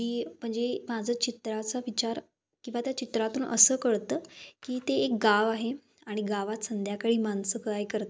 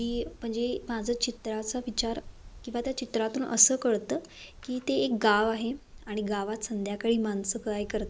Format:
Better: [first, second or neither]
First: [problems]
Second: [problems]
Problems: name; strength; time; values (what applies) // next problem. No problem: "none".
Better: first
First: none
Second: background sound (Wind); 19 dB below the speech